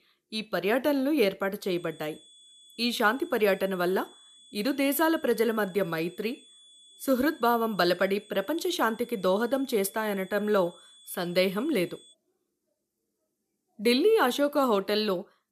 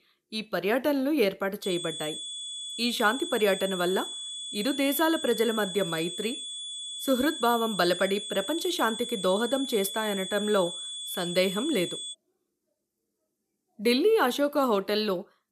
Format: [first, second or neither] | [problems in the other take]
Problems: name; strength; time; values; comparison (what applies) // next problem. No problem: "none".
first | high-pitched whine; loud; from 1.5 to 12 s; 3.5 kHz, 7 dB below the speech; faint in the first